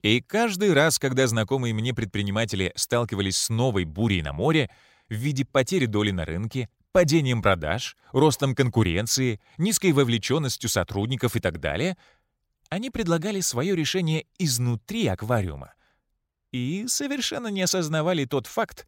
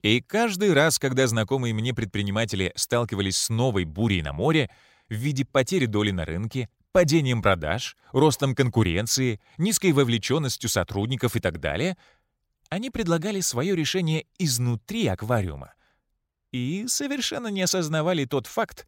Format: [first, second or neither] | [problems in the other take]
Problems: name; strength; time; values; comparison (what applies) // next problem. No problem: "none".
neither | none